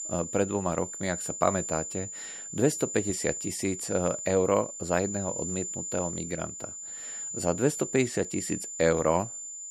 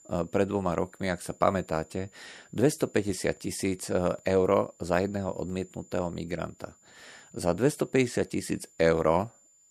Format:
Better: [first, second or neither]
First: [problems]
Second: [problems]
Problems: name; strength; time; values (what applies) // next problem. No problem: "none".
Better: second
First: high-pitched whine; loud; throughout; 7 kHz, 6 dB below the speech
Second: high-pitched whine; faint; throughout; 7 kHz, 30 dB below the speech